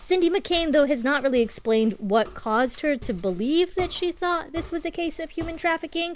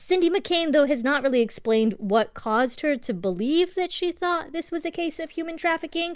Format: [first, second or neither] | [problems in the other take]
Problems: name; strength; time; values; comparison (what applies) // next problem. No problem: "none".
second | background sound (Walk, footsteps); 18 dB below the speech